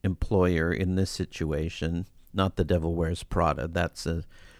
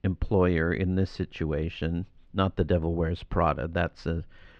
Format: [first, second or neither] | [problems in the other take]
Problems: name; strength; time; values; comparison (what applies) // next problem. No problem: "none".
first | muffled; slightly; fading above 3.5 kHz